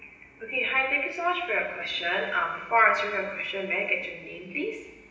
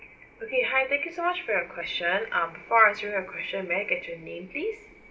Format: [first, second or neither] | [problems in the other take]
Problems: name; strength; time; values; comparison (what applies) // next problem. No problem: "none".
second | room echo; dies away in 1 s